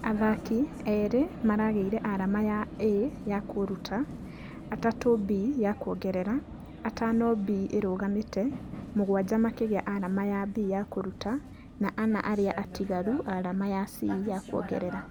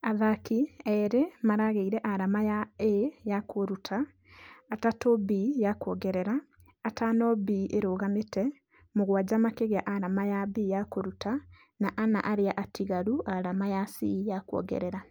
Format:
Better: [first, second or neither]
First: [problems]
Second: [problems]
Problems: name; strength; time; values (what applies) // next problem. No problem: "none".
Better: second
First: background sound (Vehicle); 13 dB below the speech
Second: none